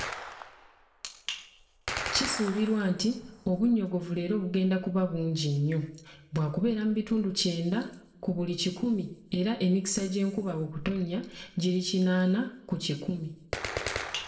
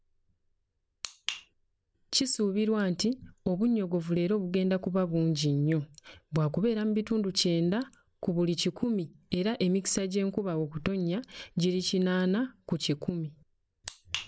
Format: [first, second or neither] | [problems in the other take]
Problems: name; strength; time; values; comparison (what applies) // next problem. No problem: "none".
second | background sound (Gunshot, gunfire); 13 dB below the speech // room echo; dies away in 0.6 s